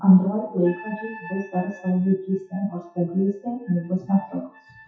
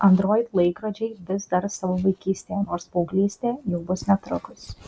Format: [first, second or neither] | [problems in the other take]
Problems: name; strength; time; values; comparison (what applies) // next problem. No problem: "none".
second | noise reduction (classical method WPE with log-MMSE)